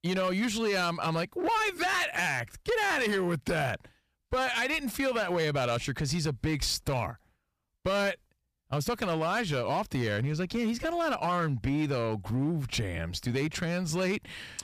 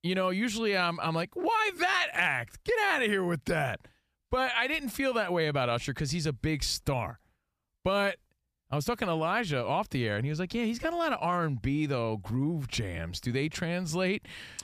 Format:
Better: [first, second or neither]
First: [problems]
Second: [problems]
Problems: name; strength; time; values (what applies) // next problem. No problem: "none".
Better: second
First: distortion; slight; 9% of the sound clipped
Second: none